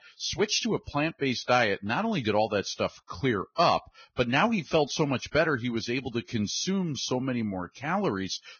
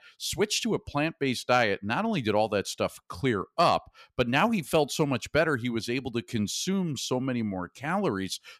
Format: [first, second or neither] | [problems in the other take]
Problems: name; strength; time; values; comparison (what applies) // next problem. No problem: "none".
second | garbled, watery; badly; nothing above 6.5 kHz